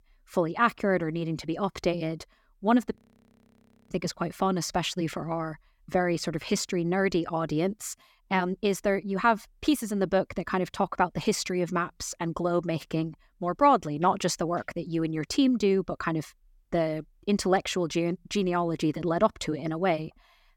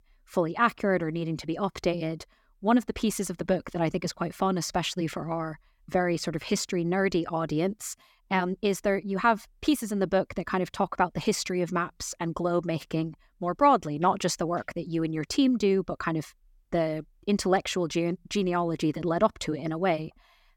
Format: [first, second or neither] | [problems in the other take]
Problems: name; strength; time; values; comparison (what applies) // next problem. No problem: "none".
second | audio freezing; at 3 s for 1 s